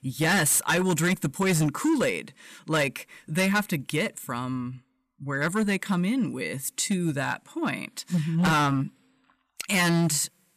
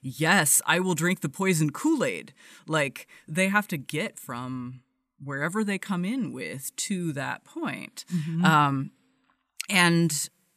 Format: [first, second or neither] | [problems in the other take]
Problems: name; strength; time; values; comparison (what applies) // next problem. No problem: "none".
second | distortion; heavy; 9% of the sound clipped